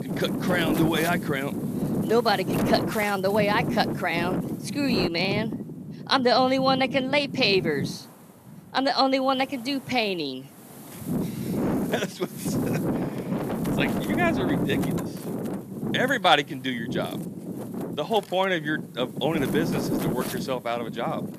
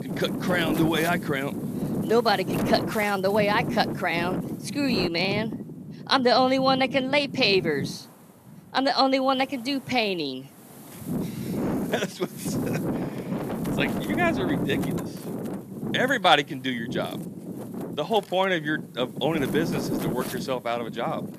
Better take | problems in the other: second | wind noise on the microphone; heavy; 9 dB below the speech; occasional gusts in the second

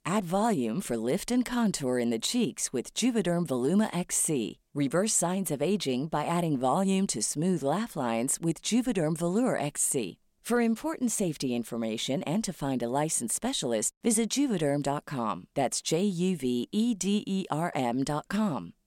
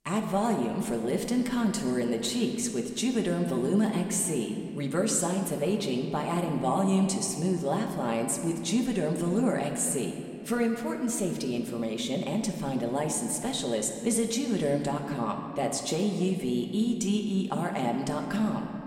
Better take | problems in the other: first | room echo; slight; dies away in 2.1 s

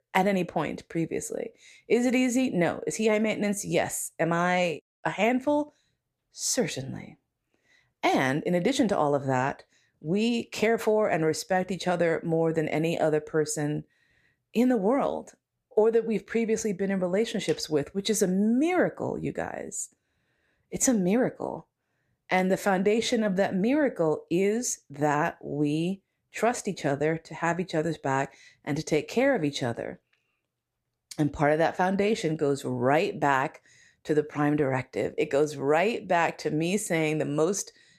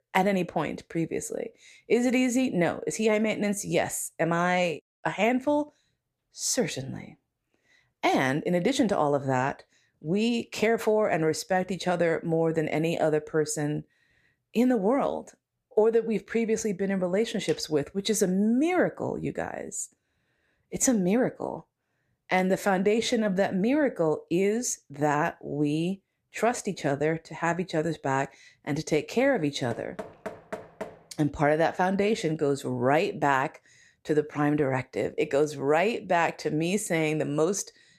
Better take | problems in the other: first | door banging; faint; from 30 to 31 s; peak 10 dB below the speech

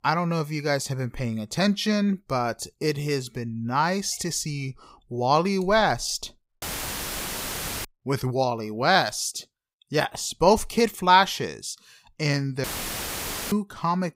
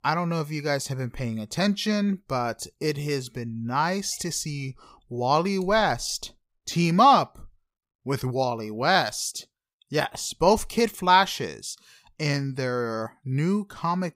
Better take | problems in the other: second | audio cutting out; filled with static; at 6.5 s for 1 s and at 13 s for 1 s

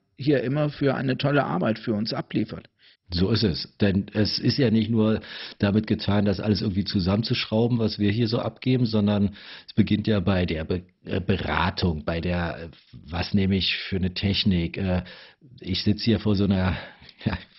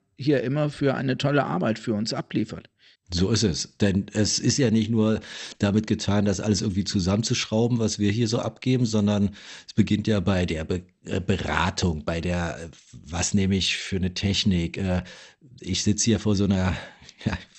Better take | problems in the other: second | garbled, watery; badly; nothing above 5.5 kHz; slightly in the second

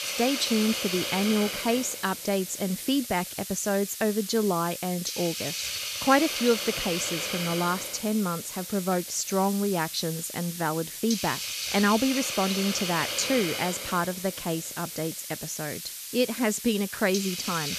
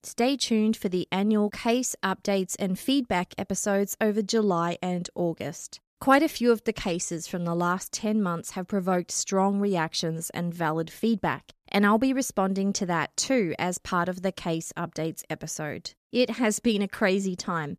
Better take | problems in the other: second | hiss; loud; throughout; 4 dB below the speech

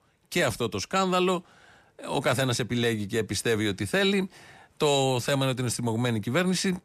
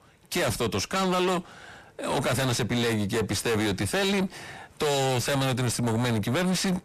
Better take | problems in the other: first | distortion; heavy; 6 dB below the speech

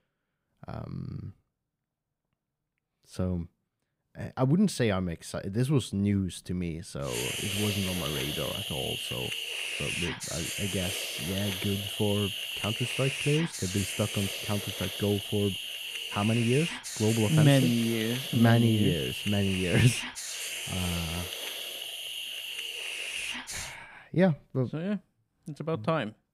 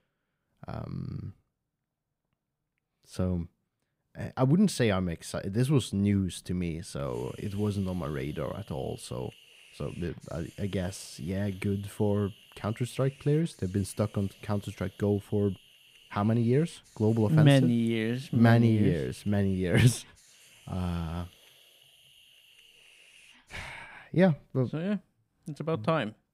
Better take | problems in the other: second | hiss; loud; from 7 to 24 s; 3 dB below the speech; faint in the second

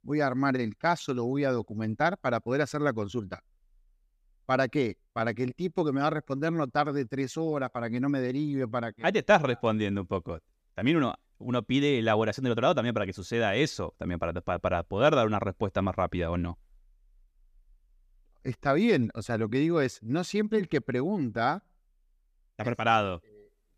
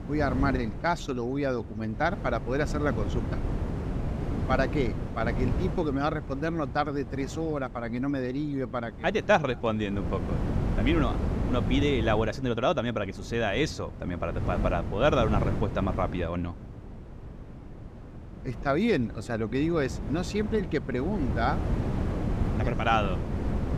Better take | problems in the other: first | wind noise on the microphone; occasional gusts; 10 dB below the speech

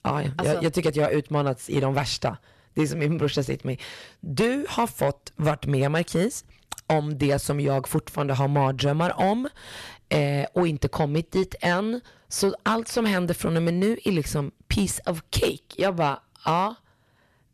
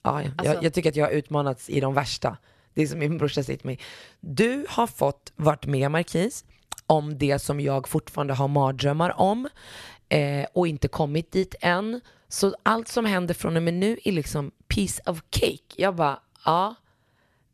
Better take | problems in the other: second | distortion; slight; 10 dB below the speech

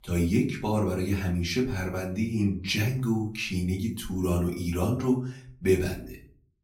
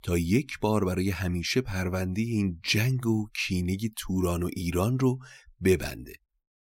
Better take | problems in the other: second | off-mic speech; far // room echo; slight; dies away in 0.4 s

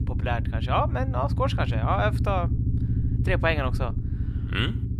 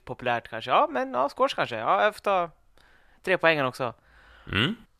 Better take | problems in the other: second | low rumble; noticeable; throughout; 10 dB below the speech

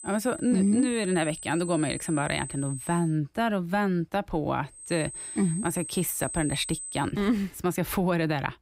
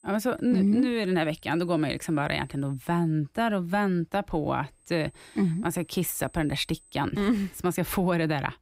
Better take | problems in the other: second | high-pitched whine; loud; until 3 s and from 5 to 7 s; 8 kHz, 9 dB below the speech; faint in the second

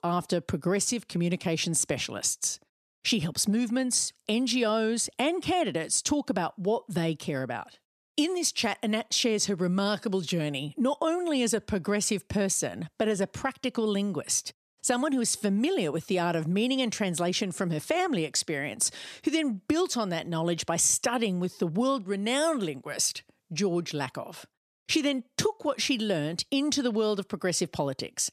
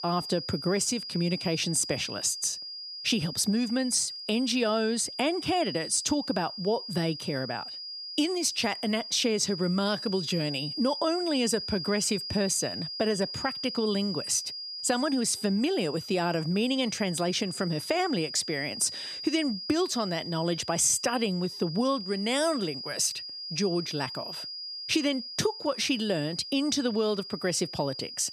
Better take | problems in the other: first | high-pitched whine; loud; throughout; 5 kHz, 8 dB below the speech

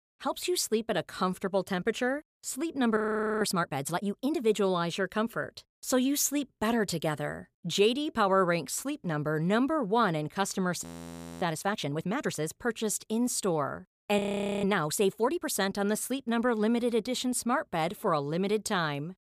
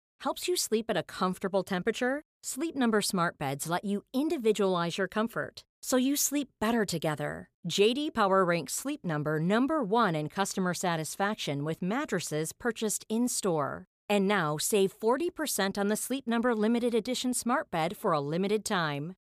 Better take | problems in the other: second | audio freezing; at 3 s, at 11 s for 0.5 s and at 14 s

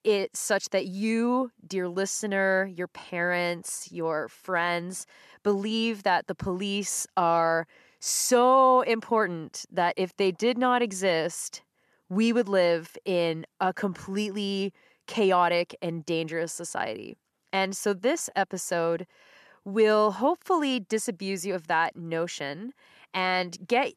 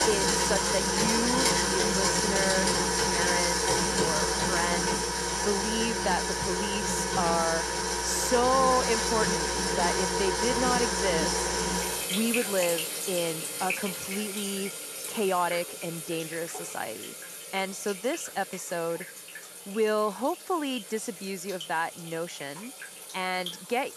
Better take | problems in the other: first | household noises; very loud; throughout; 4 dB above the speech

